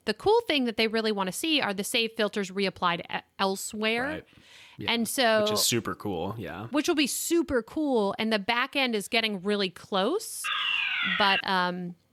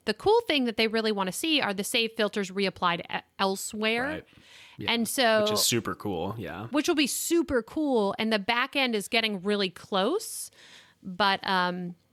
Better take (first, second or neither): second